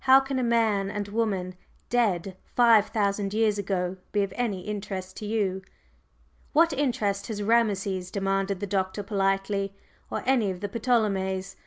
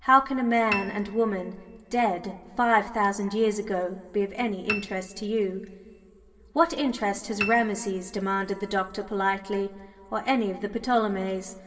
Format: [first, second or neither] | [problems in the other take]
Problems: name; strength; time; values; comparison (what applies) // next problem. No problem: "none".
first | background sound (Piano); 11 dB below the speech // room echo; dies away in 2 s